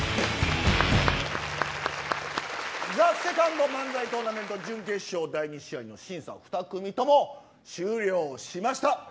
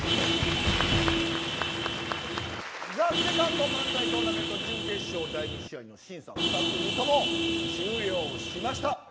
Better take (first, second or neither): first